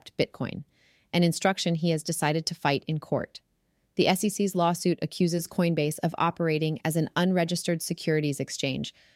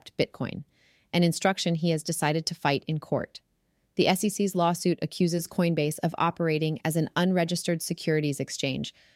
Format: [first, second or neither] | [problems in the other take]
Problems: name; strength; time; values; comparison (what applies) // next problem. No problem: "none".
neither | none